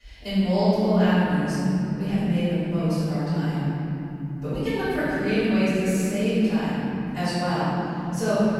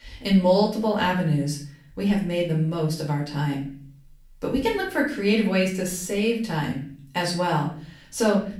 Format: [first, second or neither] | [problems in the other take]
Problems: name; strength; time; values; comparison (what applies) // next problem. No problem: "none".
second | room echo; strong; dies away in 3 s; slight in the second // off-mic speech; far; far in the second